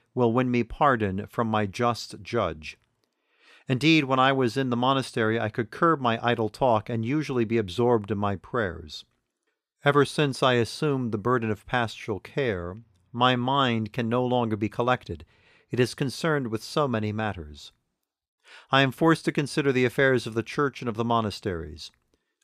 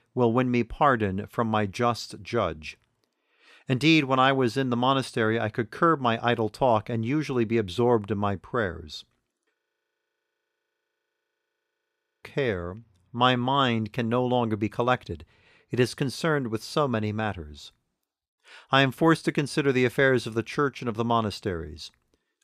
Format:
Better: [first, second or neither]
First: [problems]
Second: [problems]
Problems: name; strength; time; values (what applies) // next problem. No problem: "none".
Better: first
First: none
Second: audio freezing; at 9.5 s for 2.5 s